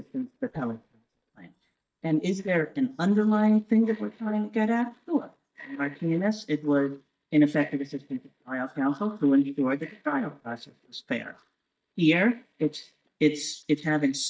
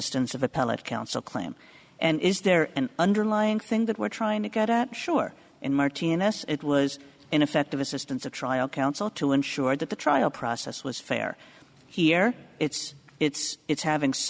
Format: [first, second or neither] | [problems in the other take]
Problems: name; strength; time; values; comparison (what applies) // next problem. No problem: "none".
second | noise reduction (neural mask model DeepFilterNet 3)